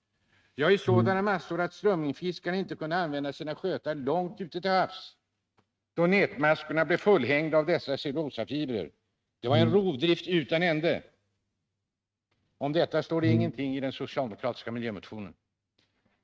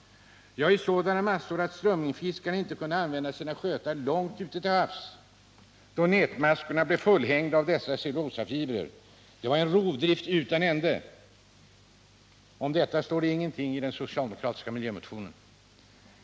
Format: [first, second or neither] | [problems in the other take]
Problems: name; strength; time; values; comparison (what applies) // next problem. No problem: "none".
second | noise reduction (neural mask model RNNoise)